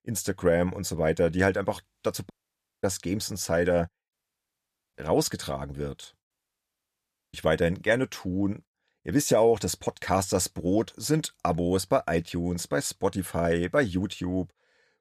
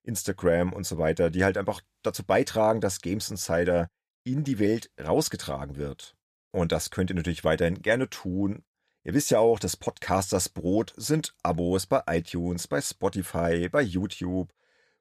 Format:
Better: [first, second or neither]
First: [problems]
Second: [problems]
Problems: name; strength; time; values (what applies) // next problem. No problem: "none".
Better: second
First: audio cutting out; at 2.5 s for 0.5 s, at 4 s for 1 s and at 6.5 s for 1 s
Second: none